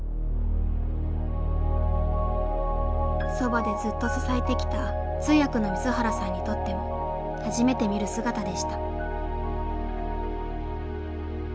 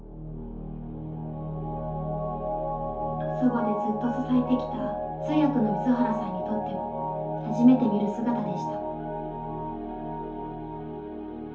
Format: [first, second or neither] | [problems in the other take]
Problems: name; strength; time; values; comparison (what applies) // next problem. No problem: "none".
first | room echo; dies away in 0.5 s